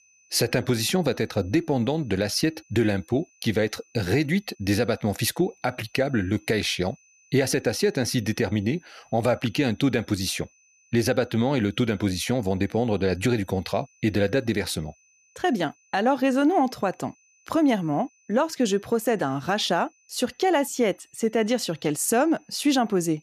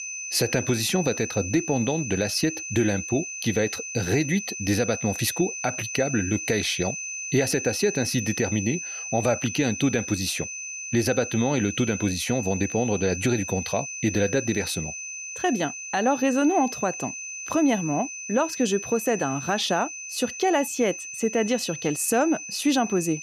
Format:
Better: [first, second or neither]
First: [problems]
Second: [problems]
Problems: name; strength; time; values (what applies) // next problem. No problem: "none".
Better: first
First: high-pitched whine; faint; throughout; 6 kHz, 35 dB below the speech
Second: high-pitched whine; loud; throughout; 6 kHz, 7 dB below the speech